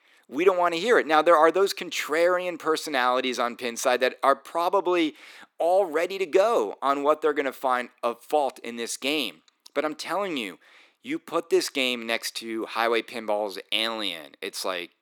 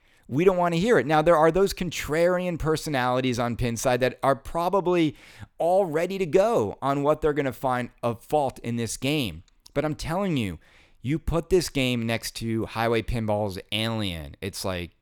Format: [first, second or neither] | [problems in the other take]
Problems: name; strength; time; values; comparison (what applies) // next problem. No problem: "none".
second | thin; somewhat; fading below 300 Hz